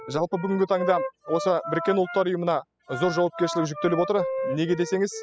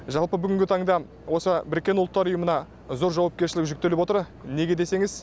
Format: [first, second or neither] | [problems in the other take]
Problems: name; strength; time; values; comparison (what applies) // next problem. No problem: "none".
second | noise reduction (classical method spectral subtraction)